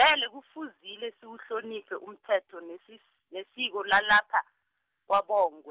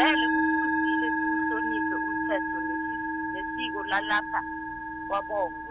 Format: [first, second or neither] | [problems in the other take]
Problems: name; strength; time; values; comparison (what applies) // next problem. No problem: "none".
first | background sound (Musical instrument); 5 dB above the speech